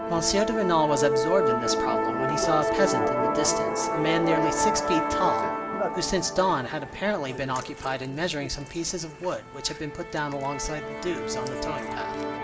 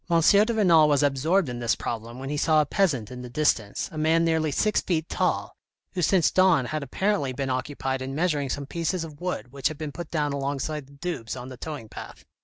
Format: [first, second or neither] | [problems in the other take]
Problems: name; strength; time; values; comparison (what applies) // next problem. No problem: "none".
second | background sound (Musical instrument); as loud as the speech // room echo; dies away in 0.4 s